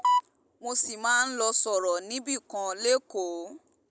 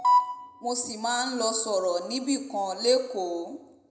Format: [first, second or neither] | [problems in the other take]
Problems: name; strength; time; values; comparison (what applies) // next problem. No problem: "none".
first | room echo; dies away in 0.7 s